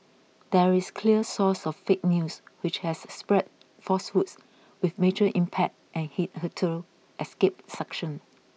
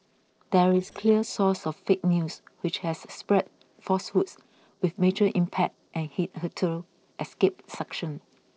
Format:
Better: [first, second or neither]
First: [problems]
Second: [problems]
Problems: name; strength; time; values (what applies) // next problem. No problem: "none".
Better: first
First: none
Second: noise reduction (neural separator model SepFormer DNS4)